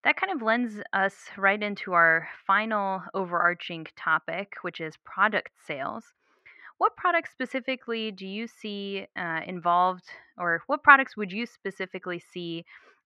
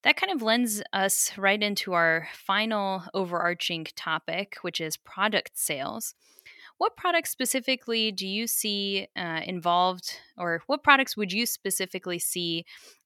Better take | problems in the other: second | muffled; very; fading above 1.5 kHz

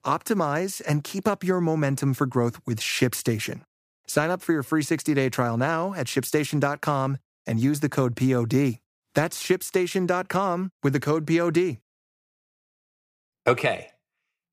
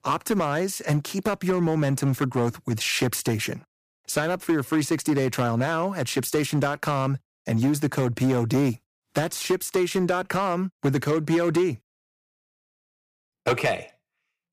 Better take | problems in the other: first | distortion; slight; 5% of the sound clipped

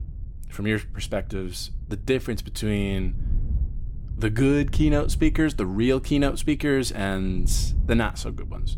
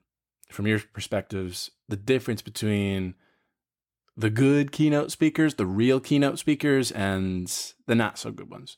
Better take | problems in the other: second | low rumble; faint; throughout; 20 dB below the speech

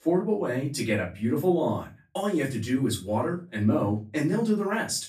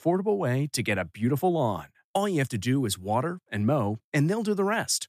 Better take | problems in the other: second | room echo; very slight; dies away in 0.2 s // off-mic speech; far

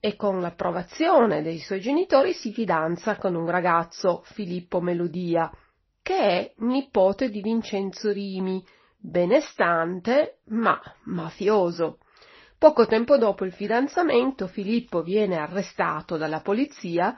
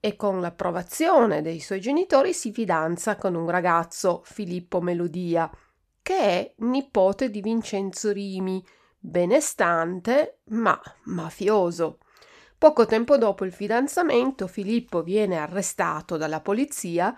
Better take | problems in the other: second | garbled, watery; slightly; nothing above 6 kHz

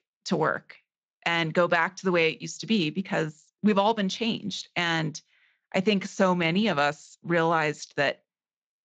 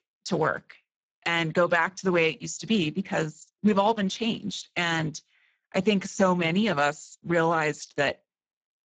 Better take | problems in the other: first | garbled, watery; badly; nothing above 7.5 kHz; slightly in the first

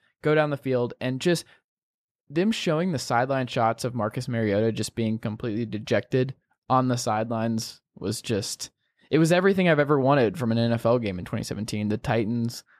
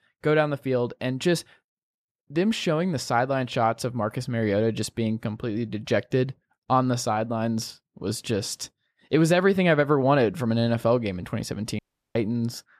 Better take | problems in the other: first | audio cutting out; at 12 s

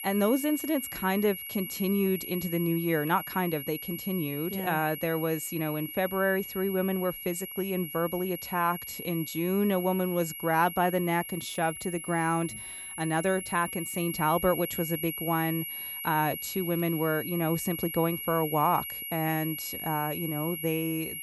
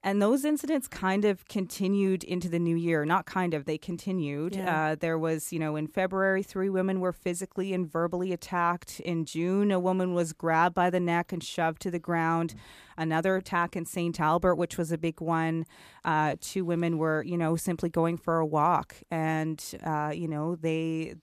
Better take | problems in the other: second | high-pitched whine; loud; throughout; 11.5 kHz, 7 dB below the speech

